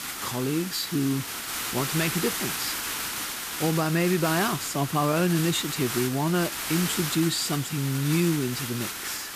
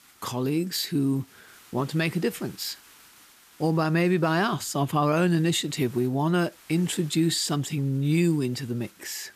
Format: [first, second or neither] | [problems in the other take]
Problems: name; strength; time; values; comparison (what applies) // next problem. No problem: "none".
second | hiss; loud; throughout; 4 dB below the speech; faint in the second